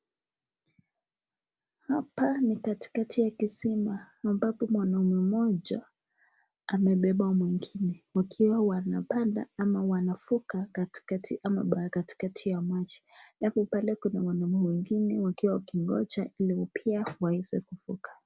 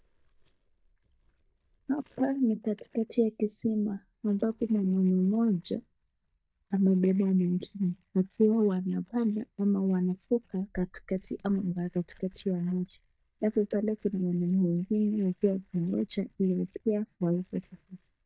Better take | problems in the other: first | noise reduction (neural mask model DeepFilterNet 3)

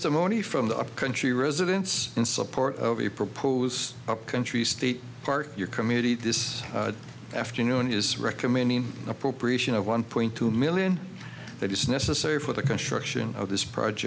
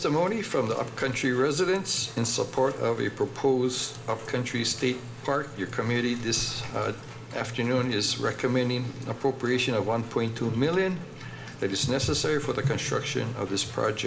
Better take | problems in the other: first | background sound (Rain); 19 dB below the speech // room echo; dies away in 2.2 s

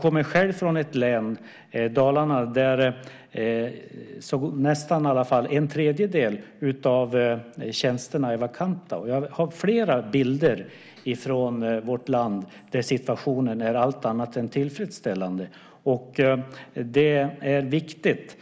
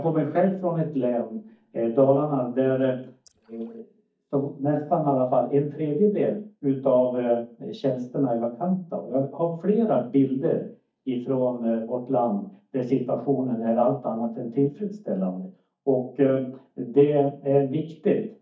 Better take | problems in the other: first | noise reduction (neural mask model DeepFilterNet 3)

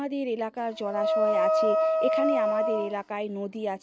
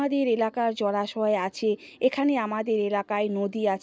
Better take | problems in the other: second | background sound (Wind instrument, woodwind instrument); 4 dB above the speech

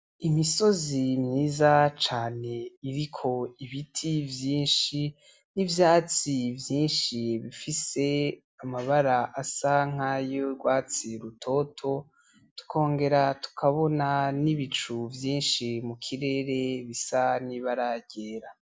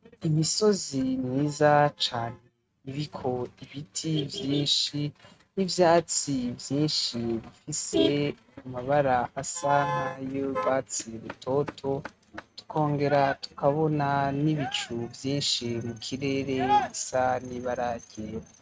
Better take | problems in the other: first | noise reduction (neural mask model RNNoise)

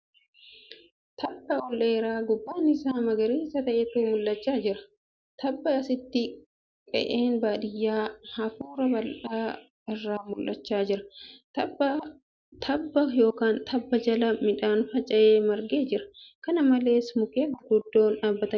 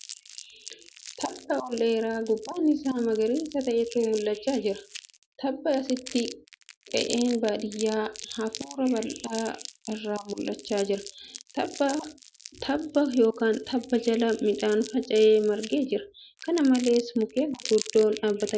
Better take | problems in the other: first | background sound (Crumpling, crinkling); 17 dB below the speech

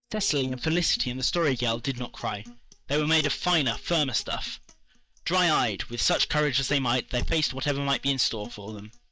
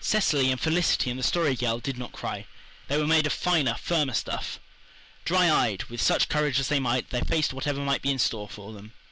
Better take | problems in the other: second | noise reduction (neural mask model DeepFilterNet 3)

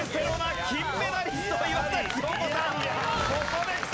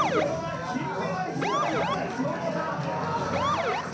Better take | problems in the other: first | background sound (Motor vehicle (road) / Siren); 3 dB below the speech // room echo; dies away in 0.6 s

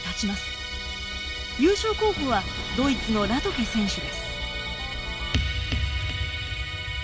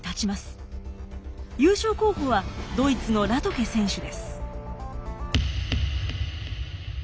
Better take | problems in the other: second | background sound (Musical instrument); 6 dB below the speech

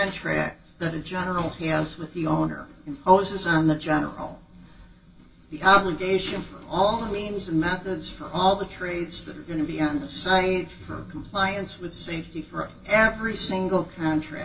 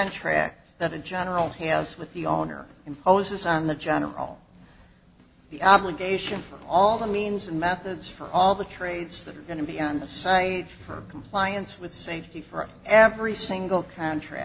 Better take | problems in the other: second | room echo; dies away in 0.2 s

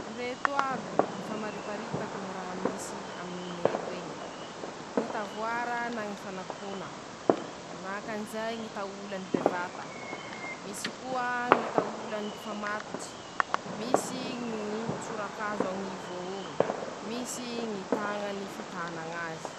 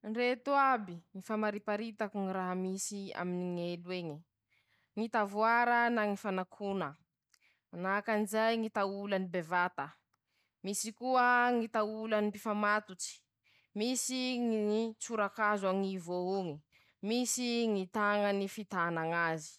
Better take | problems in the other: second | background sound (Fireworks); 3 dB above the speech

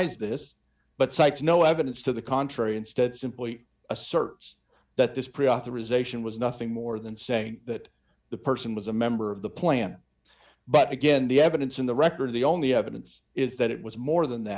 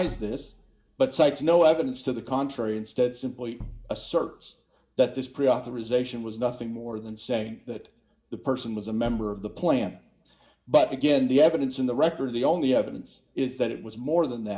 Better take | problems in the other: first | background sound (Bass drum); 16 dB below the speech // room echo; dies away in 0.6 s

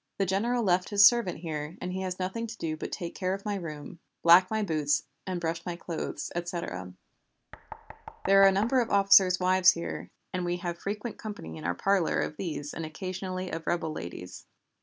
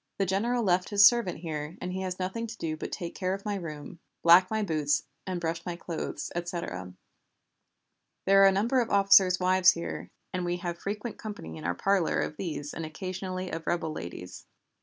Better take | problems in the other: second | background sound (Knock); 15 dB below the speech

